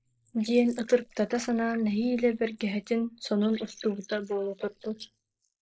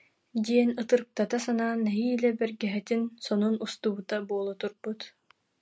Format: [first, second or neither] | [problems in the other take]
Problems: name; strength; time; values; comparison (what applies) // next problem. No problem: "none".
second | noise reduction (neural mask model Resemble Enhance denoiser)